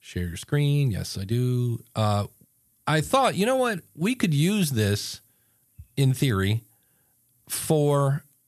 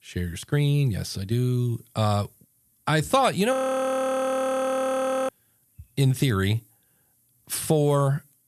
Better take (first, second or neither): first